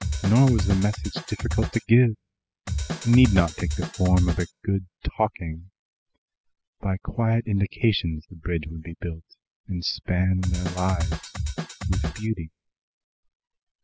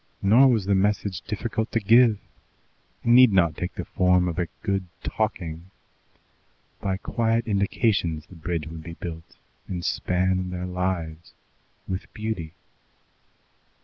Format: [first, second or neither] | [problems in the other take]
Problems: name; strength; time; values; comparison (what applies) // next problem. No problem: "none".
second | noise reduction (classical method spectral subtraction)